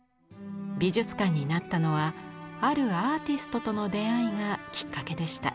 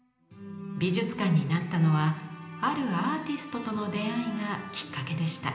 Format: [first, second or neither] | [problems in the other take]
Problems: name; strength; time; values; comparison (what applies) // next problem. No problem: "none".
first | room echo; dies away in 0.9 s